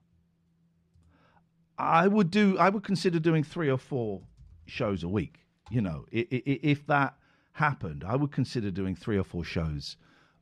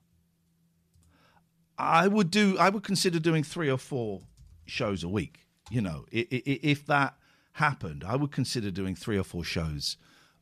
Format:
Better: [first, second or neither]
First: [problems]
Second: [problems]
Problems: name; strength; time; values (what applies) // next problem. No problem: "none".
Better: second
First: muffled; slightly; fading above 2 kHz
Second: none